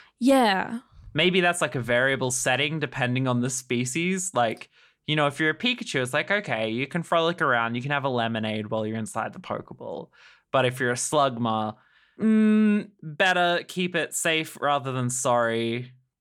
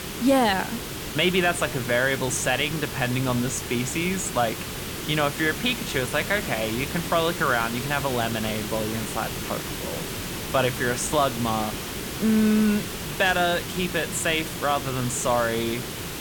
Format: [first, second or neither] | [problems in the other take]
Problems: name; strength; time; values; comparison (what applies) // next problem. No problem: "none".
first | hiss; loud; throughout; 6 dB below the speech